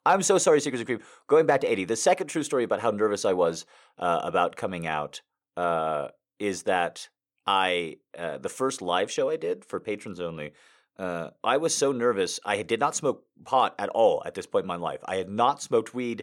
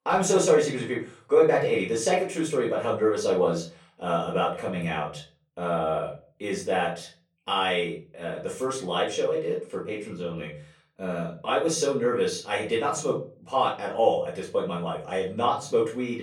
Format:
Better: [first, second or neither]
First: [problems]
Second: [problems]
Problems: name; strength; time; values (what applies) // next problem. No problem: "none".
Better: first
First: none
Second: off-mic speech; far // room echo; slight; dies away in 0.4 s